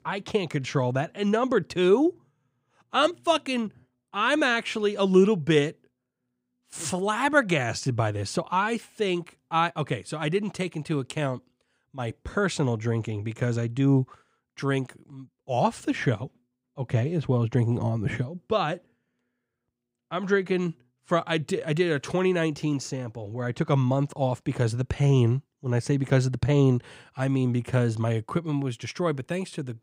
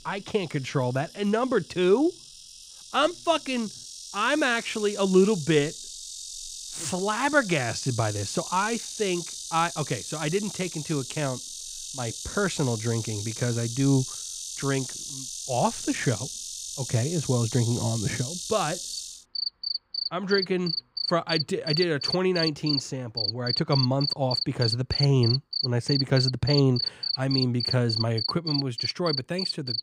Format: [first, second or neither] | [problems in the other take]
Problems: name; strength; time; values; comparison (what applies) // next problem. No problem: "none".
first | animal sounds; loud; throughout; 4 dB below the speech